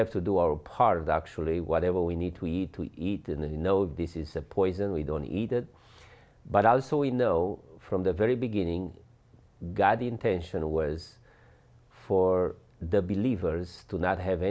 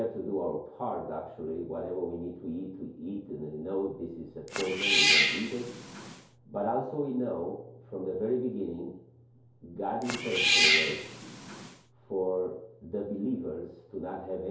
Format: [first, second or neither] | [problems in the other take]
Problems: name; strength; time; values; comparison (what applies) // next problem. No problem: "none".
first | background sound (Cat); 5 dB above the speech // room echo; dies away in 2.4 s